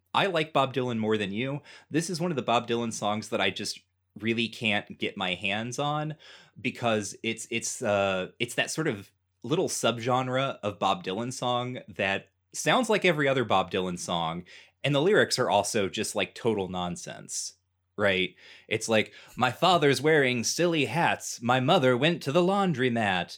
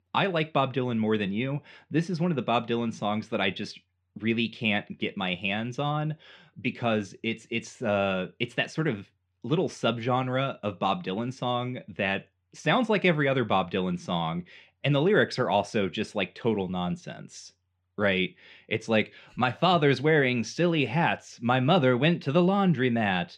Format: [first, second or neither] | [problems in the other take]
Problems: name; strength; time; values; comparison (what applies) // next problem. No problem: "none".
first | muffled; slightly; fading above 3 kHz